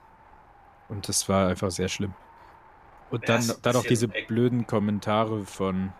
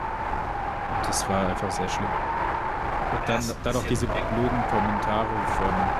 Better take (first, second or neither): first